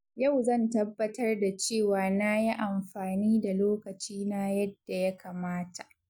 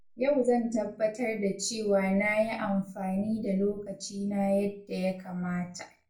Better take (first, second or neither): first